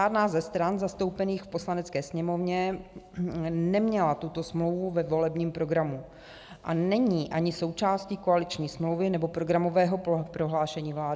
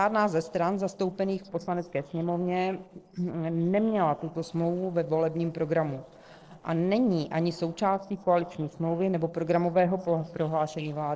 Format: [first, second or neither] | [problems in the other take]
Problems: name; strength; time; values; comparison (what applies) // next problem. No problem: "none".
first | noise reduction (neural separator model SepFormer DNS4)